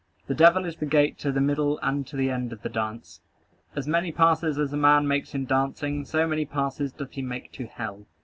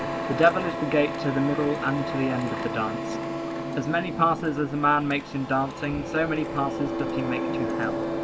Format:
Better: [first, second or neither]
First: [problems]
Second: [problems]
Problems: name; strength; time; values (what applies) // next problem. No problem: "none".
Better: first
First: none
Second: background sound (Printer); 4 dB below the speech